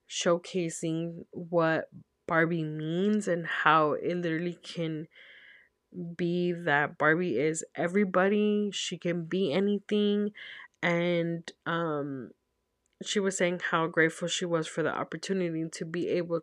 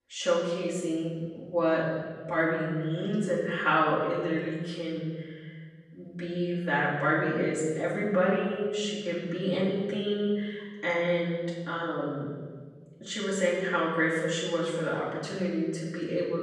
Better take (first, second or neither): first